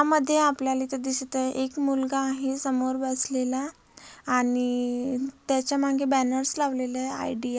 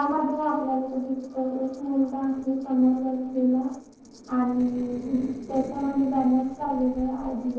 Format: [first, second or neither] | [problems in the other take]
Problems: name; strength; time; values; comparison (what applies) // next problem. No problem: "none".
first | noise reduction (neural separator model SepFormer DNS4)